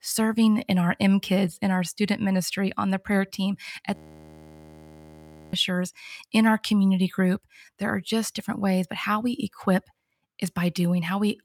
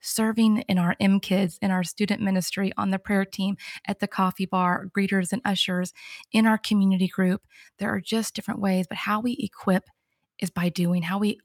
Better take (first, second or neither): second